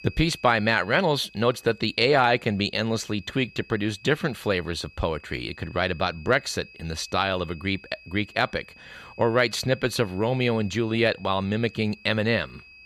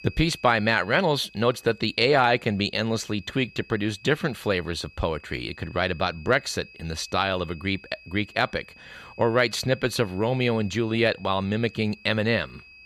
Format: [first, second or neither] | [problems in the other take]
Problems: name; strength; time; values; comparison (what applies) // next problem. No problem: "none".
neither | high-pitched whine; faint; throughout; 2.5 kHz, 20 dB below the speech; the same in both